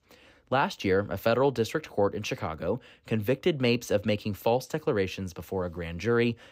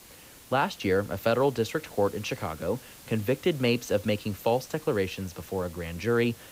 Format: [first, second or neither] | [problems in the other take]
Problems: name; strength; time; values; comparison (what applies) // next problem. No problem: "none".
first | hiss; noticeable; throughout; 20 dB below the speech